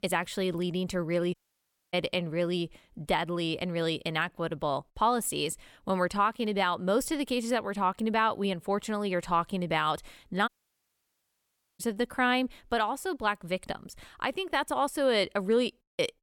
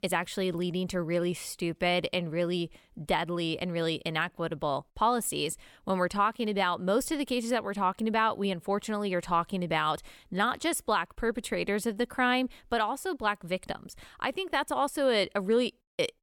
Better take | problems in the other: second | audio cutting out; at 1.5 s for 0.5 s and at 10 s for 1.5 s

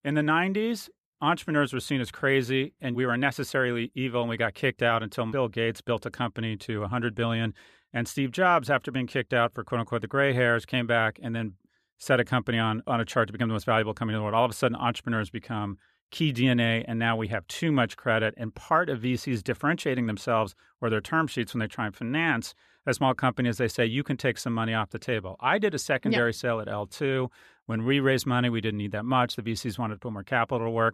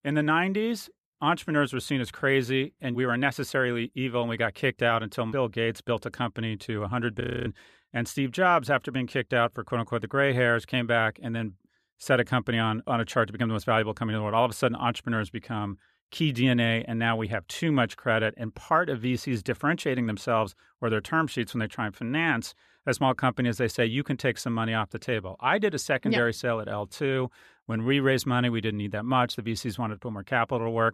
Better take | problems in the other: first | audio freezing; at 7 s

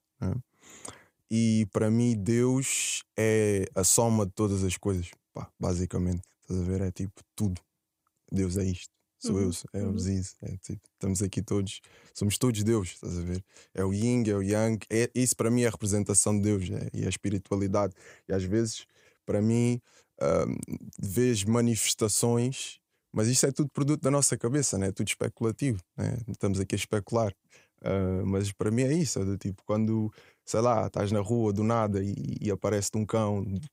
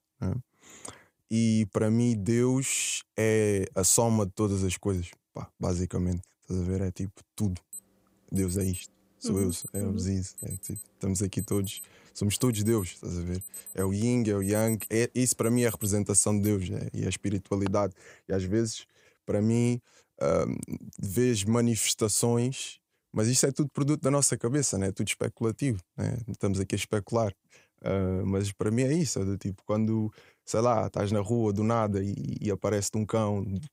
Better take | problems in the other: first | alarm; noticeable; from 7.5 to 18 s; peak 8 dB below the speech

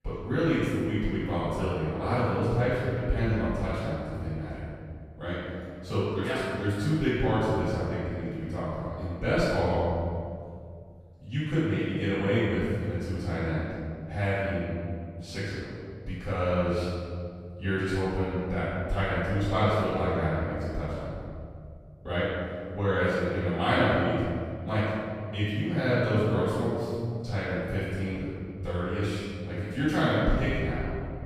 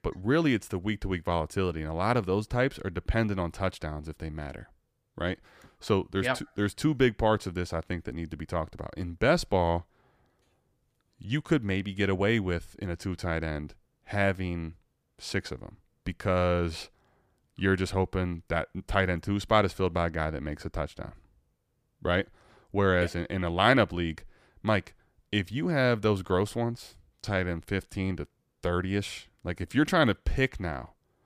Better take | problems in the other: second | off-mic speech; far // room echo; strong; dies away in 2.2 s

